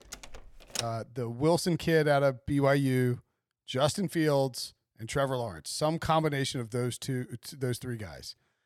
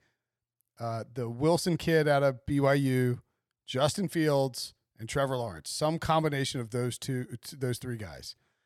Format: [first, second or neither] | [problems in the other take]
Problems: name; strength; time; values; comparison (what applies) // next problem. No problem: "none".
second | door banging; noticeable; at the start; peak 7 dB below the speech